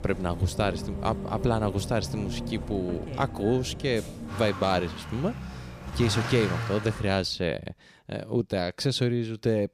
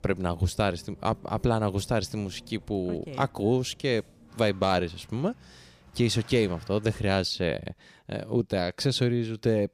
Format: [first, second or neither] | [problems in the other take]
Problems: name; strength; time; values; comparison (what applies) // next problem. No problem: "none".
second | traffic noise; loud; until 7 s; 8 dB below the speech; faint in the second